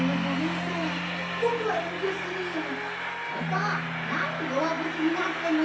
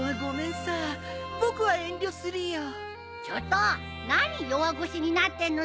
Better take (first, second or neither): second